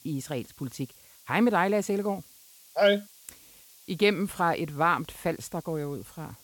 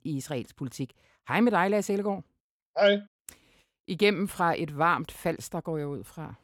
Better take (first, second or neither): second